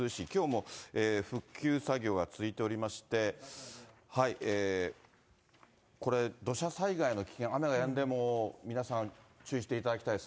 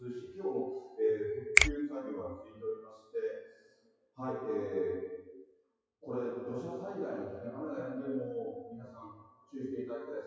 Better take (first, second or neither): first